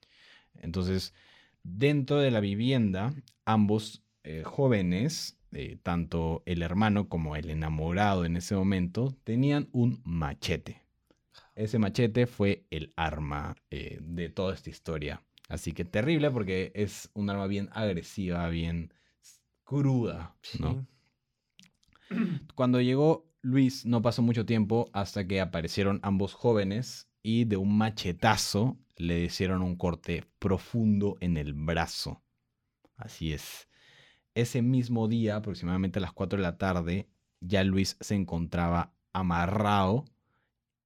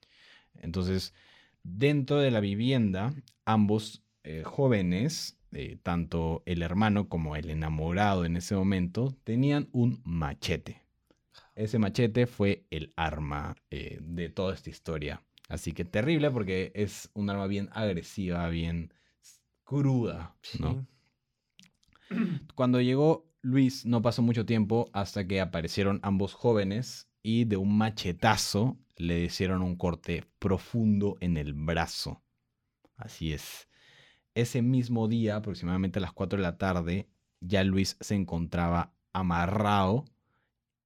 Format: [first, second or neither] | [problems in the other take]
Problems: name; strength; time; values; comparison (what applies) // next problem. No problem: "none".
neither | none